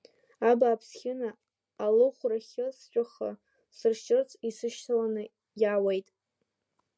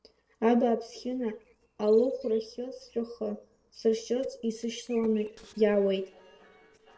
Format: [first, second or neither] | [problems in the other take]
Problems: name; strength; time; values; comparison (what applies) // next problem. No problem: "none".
first | noise reduction (neural separator model SepFormer DNS4)